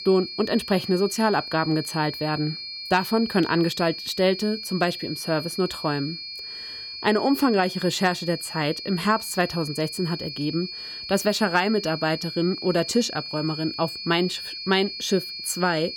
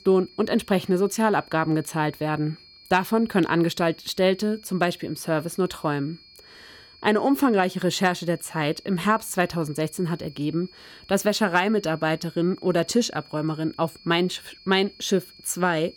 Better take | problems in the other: second | high-pitched whine; loud; throughout; 4.5 kHz, 8 dB below the speech; faint in the second

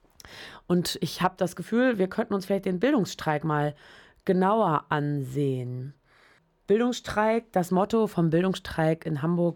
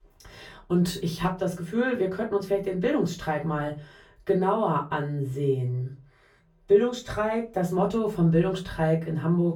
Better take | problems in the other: first | off-mic speech; far // room echo; very slight; dies away in 0.2 s

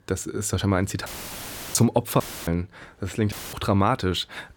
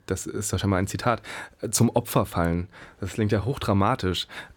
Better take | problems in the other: second | audio cutting out; filled with static; at 1 s for 0.5 s, at 2 s and at 3.5 s

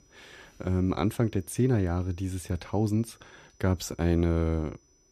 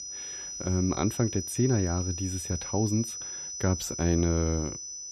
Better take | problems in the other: first | high-pitched whine; loud; throughout; 6 kHz, 6 dB below the speech; faint in the first

